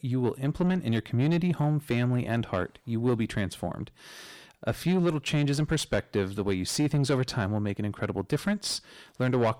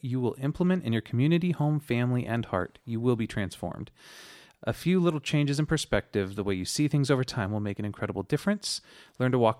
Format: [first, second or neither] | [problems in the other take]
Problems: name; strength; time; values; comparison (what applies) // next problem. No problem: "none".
second | distortion; slight; 10 dB below the speech